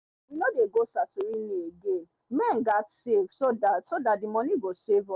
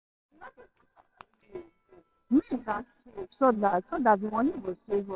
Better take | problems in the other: first | noise reduction (neural separator model SepFormer WHAMR!)

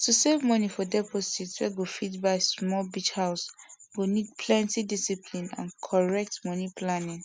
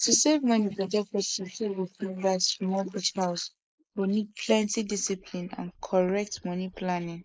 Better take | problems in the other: first | noise reduction (neural mask model Resemble Enhance denoiser)

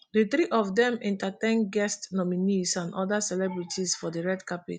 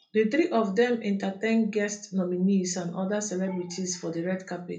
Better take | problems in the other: first | room echo; dies away in 0.3 s

